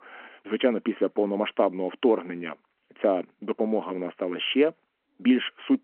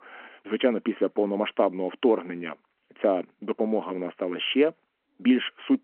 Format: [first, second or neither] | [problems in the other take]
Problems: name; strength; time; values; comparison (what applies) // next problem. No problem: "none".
neither | phone-call audio; nothing above 3 kHz; the same in both